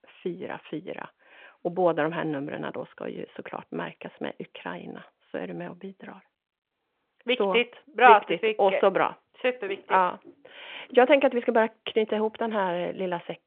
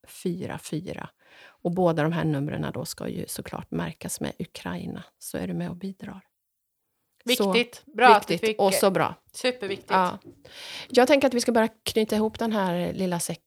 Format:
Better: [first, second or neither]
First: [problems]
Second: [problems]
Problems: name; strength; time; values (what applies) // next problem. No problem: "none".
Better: second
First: phone-call audio; nothing above 3.5 kHz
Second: none